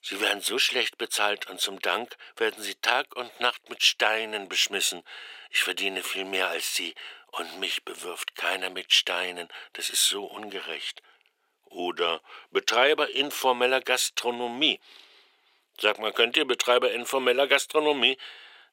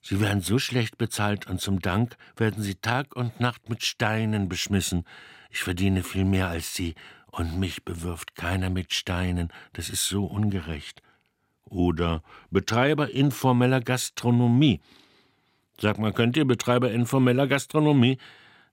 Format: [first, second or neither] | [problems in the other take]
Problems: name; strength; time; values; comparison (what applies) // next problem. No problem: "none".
second | thin; very; fading below 450 Hz